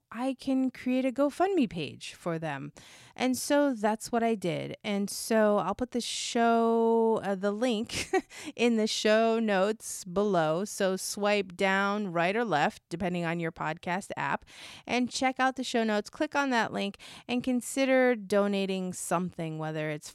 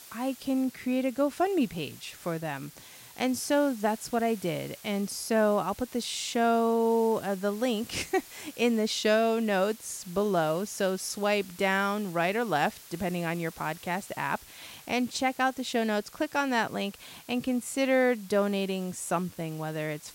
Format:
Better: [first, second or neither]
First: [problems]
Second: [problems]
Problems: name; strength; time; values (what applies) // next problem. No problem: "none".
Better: first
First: none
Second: hiss; noticeable; throughout; 20 dB below the speech